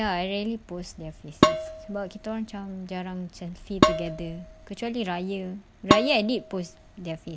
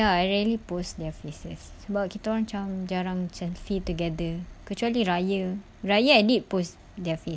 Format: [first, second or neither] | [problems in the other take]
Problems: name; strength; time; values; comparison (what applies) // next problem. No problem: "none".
second | background sound (Dishes, pots, and pans); 5 dB above the speech